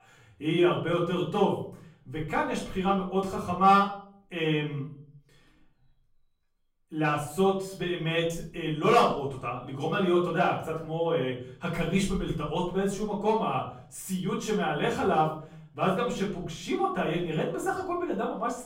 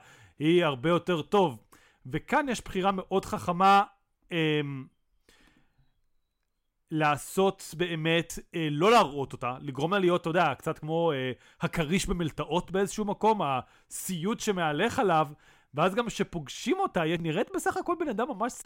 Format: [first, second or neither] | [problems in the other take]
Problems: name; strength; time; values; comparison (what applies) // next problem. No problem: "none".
second | off-mic speech; far // room echo; slight; dies away in 0.5 s